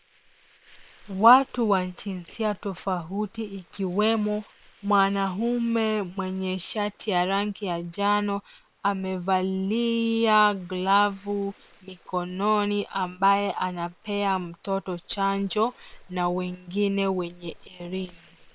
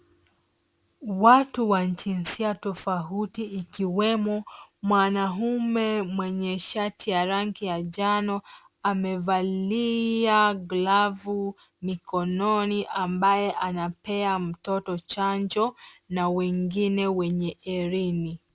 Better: second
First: noise reduction (neural separator model SepFormer WHAM!)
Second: none

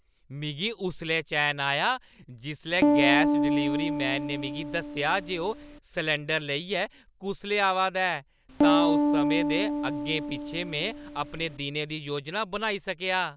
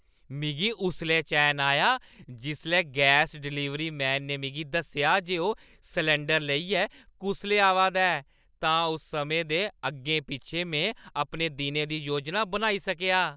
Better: second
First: background sound (Piano); 3 dB above the speech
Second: none

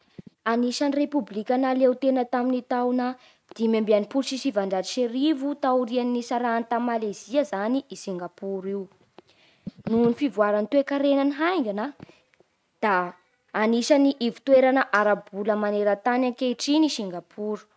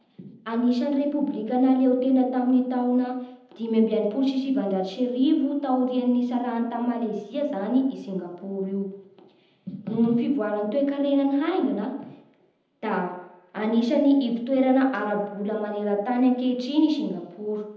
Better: first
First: none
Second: room echo; dies away in 0.8 s

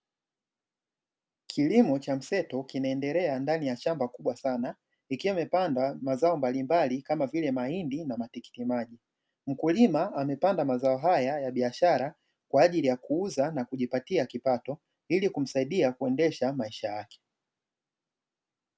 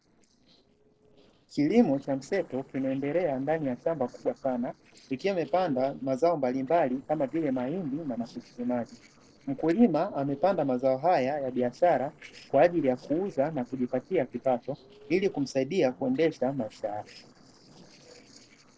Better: first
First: none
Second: noise reduction (neural separator model SepFormer DNS4)

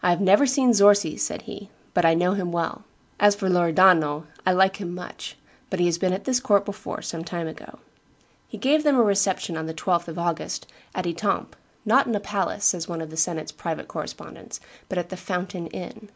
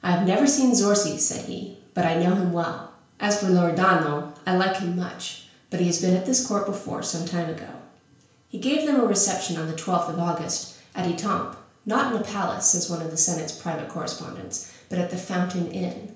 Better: first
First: none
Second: room echo; dies away in 0.5 s

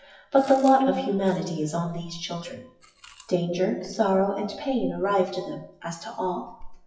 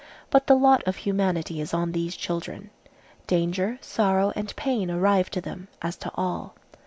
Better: second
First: noise reduction (classical method WPE with log-MMSE)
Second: none

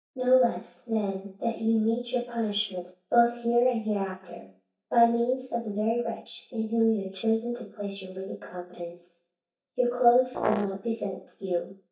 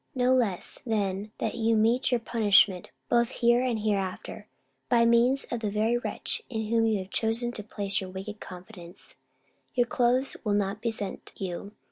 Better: second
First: noise reduction (neural mask model DeepFilterNet 3)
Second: none

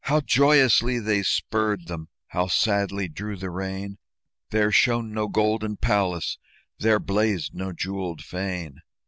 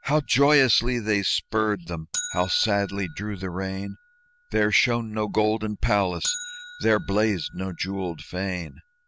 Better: first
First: none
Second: background sound (Bell); 16 dB below the speech

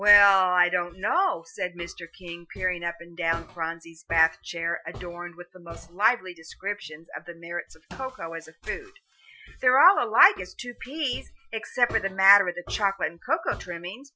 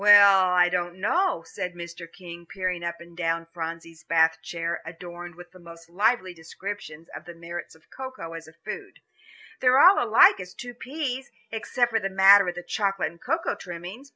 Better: second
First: noise reduction (classical method Wiener filter)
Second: none

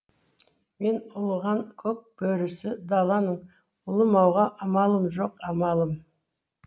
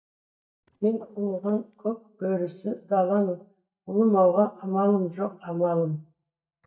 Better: first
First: none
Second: noise reduction (neural mask model DeepFilterNet 3)

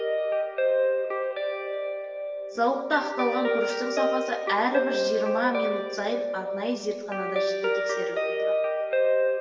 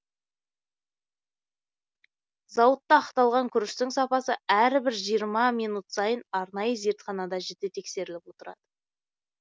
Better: second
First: background sound (Guitar); 4 dB above the speech // room echo; dies away in 1.1 s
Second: none

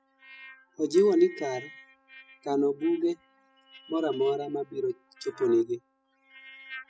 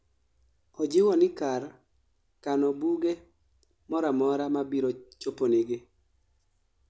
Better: second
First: noise reduction (classical method spectral subtraction)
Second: none

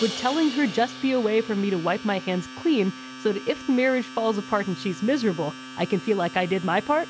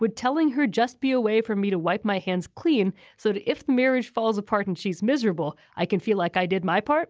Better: second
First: background sound (Domestic sounds, home sounds + Crash cymbal); 14 dB below the speech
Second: none

